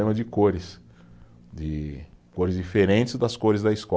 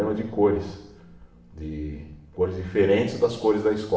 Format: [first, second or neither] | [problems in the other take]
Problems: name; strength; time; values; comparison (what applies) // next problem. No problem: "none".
first | room echo; dies away in 0.8 s